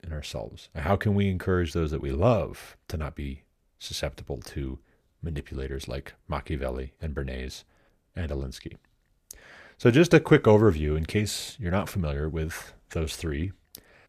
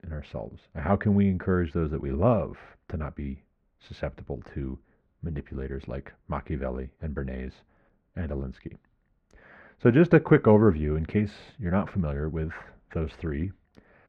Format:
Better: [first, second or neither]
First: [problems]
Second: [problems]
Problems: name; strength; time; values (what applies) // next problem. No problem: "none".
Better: first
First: none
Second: muffled; very; fading above 1.5 kHz